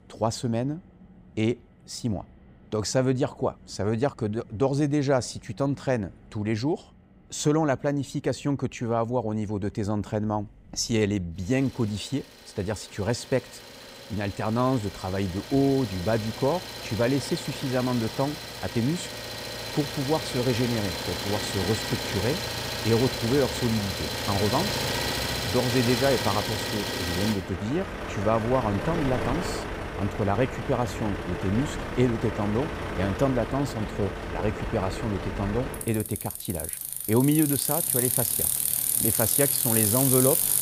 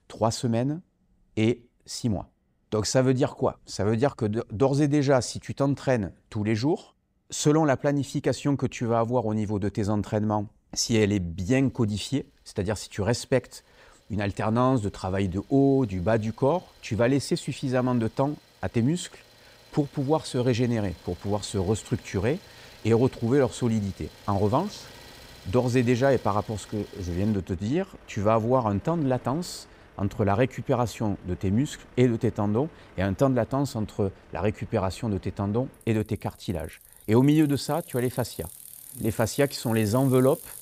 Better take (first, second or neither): second